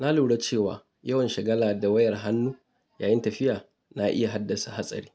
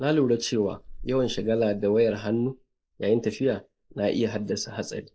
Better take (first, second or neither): first